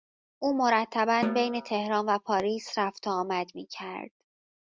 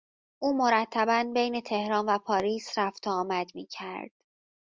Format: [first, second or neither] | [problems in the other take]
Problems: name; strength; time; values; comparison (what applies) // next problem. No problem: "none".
second | noise reduction (neural mask model RNNoise)